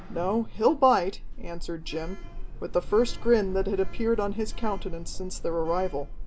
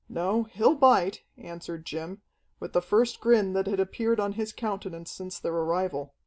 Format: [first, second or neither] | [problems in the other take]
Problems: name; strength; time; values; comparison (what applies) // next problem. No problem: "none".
second | background sound (Sliding door); 4 dB below the speech